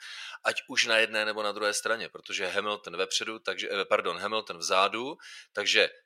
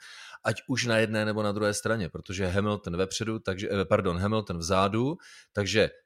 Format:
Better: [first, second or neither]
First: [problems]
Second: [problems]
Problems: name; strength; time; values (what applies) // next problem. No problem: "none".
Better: second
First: thin; very; fading below 500 Hz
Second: none